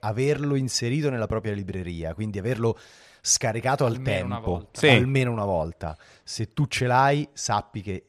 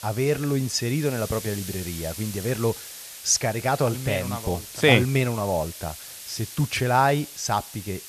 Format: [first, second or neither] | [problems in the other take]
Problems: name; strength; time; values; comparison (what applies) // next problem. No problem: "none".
first | hiss; noticeable; throughout; 10 dB below the speech